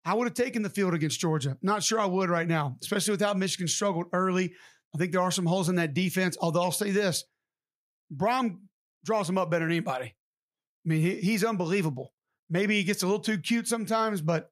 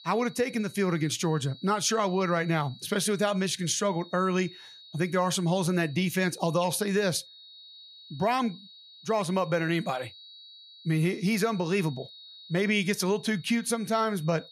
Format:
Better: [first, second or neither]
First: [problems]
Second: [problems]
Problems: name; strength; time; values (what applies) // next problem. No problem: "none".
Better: first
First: none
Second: high-pitched whine; noticeable; throughout; 4 kHz, 20 dB below the speech